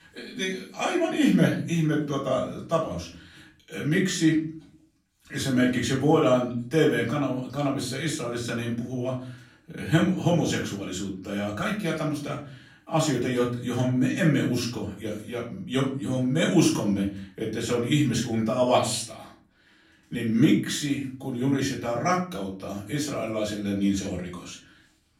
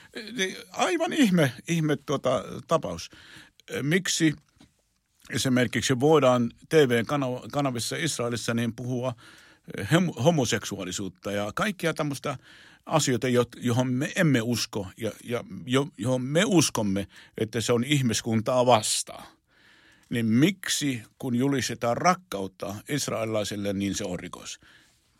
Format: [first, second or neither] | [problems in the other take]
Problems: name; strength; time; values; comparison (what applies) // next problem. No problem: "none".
second | off-mic speech; far // room echo; slight; dies away in 0.5 s